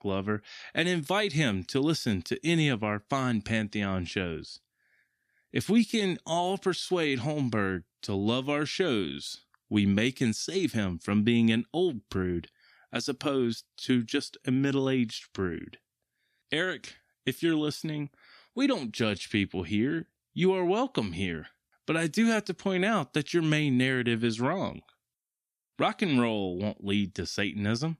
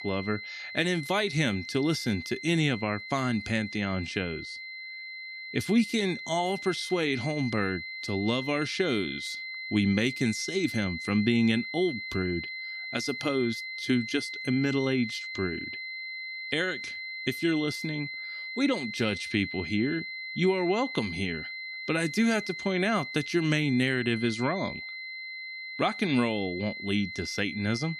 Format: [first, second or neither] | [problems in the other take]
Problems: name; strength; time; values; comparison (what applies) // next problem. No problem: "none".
first | high-pitched whine; loud; throughout; 2 kHz, 7 dB below the speech